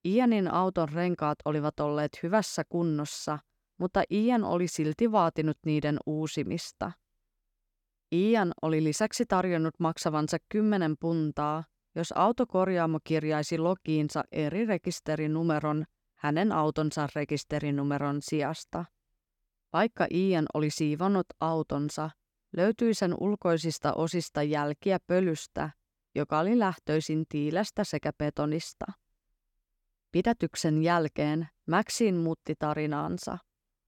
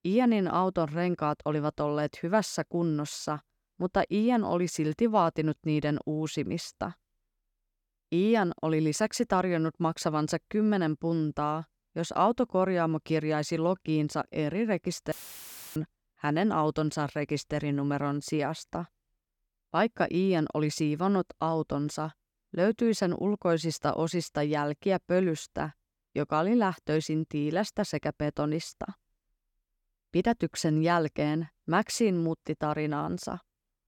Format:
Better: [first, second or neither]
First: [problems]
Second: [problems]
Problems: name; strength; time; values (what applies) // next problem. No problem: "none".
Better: first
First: none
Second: audio cutting out; filled with static; at 15 s for 0.5 s